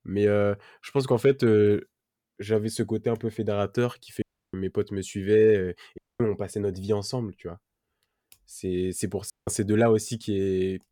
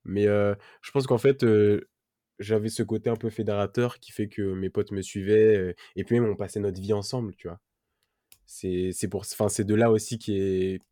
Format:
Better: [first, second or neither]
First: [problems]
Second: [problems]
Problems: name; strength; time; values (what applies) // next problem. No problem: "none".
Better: second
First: audio cutting out; at 4 s, at 6 s and at 9.5 s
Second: none